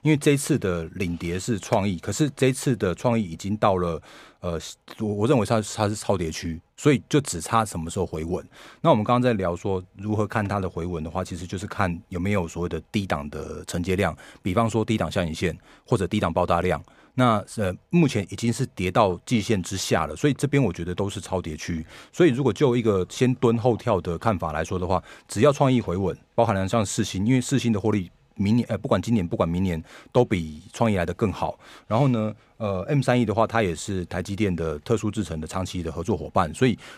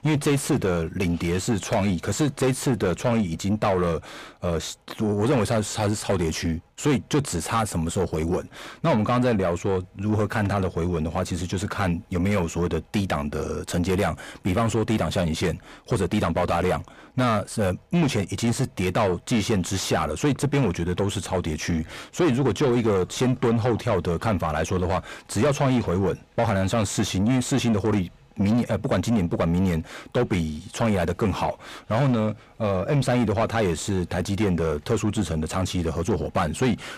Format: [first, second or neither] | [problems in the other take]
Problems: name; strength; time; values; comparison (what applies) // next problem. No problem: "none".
first | distortion; heavy; 7 dB below the speech